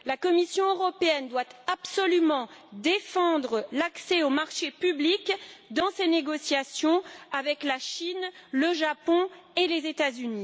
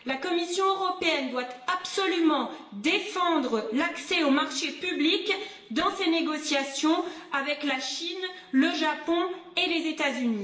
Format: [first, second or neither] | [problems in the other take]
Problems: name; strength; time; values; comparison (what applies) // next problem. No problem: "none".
first | room echo; dies away in 0.8 s